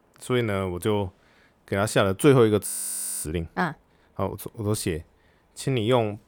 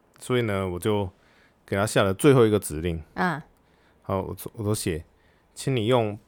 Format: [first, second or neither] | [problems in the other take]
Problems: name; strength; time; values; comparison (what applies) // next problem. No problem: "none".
second | audio freezing; at 2.5 s for 0.5 s